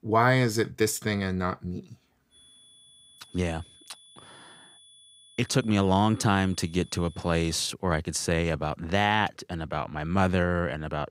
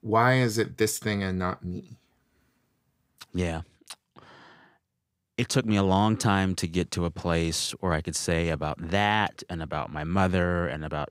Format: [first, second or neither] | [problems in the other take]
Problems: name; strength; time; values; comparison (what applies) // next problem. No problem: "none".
second | high-pitched whine; faint; from 2.5 to 7.5 s; 3.5 kHz, 25 dB below the speech